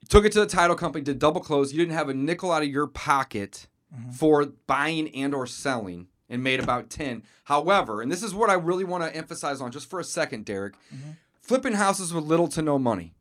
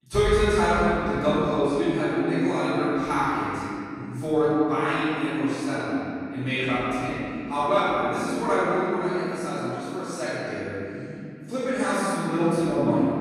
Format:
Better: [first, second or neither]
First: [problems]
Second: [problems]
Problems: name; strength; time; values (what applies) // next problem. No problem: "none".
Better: first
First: none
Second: room echo; strong; dies away in 3 s // off-mic speech; far